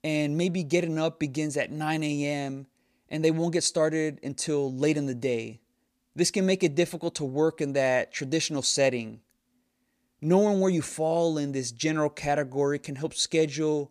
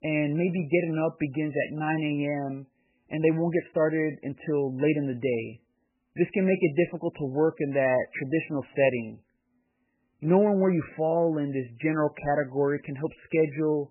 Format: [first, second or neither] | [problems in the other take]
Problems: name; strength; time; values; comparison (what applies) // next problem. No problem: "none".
first | garbled, watery; badly; nothing above 3 kHz